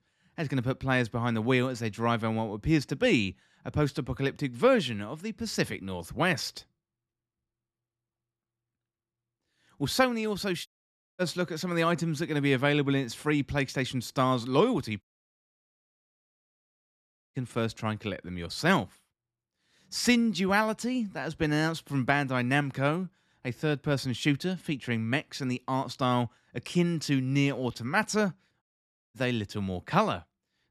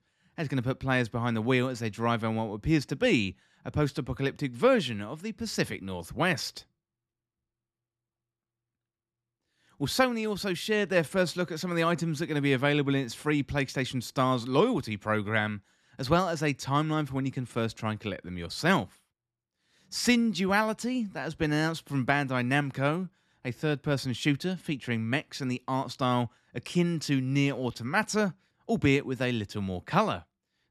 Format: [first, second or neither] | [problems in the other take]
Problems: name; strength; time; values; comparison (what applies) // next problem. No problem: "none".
second | audio cutting out; at 11 s for 0.5 s, at 15 s for 2.5 s and at 29 s for 0.5 s